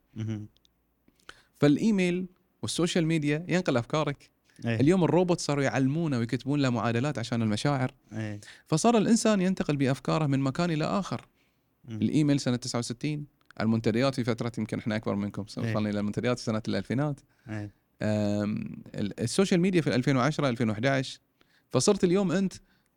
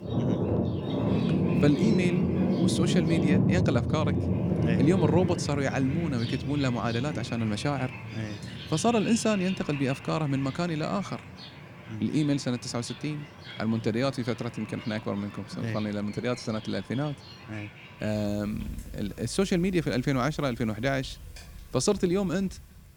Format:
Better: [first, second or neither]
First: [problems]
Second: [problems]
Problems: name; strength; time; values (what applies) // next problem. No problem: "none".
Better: first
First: none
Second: rain or running water; loud; throughout; as loud as the speech